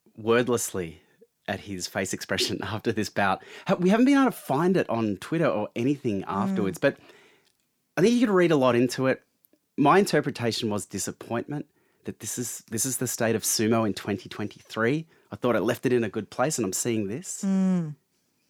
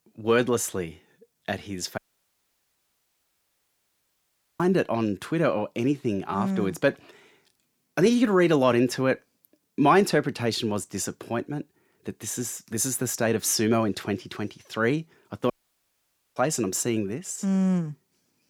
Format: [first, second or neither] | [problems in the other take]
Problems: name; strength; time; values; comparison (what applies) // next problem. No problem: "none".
first | audio cutting out; at 2 s for 2.5 s and at 16 s for 1 s